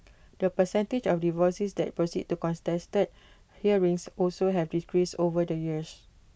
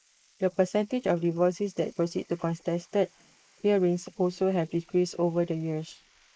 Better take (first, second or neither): first